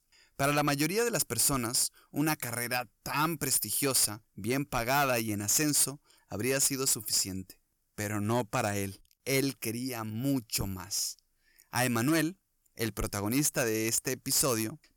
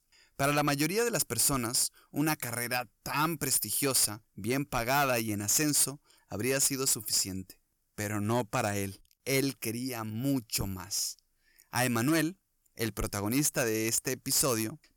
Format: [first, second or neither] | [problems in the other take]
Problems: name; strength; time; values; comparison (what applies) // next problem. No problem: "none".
neither | distortion; slight; 4% of the sound clipped; the same in both